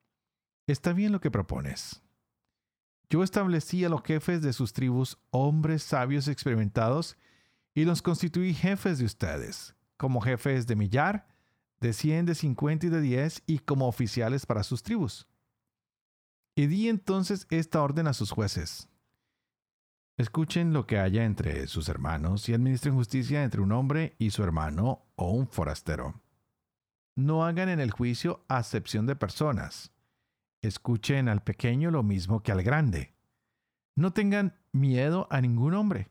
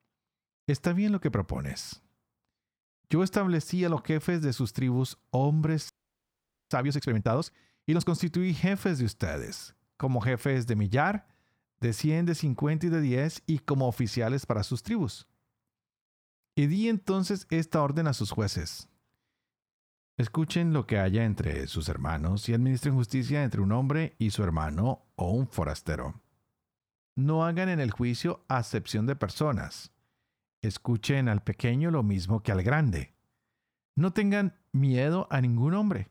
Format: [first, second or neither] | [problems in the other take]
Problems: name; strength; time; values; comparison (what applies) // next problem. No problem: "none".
first | audio freezing; at 6 s for 1 s